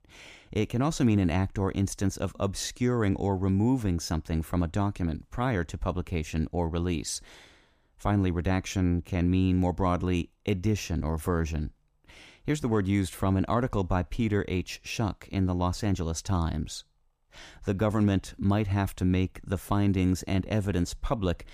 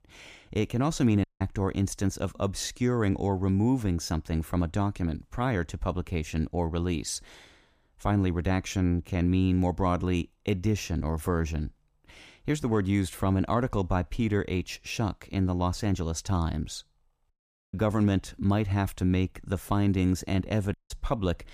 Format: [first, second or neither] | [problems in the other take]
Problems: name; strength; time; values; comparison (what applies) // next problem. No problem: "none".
first | audio cutting out; at 1 s, at 17 s and at 21 s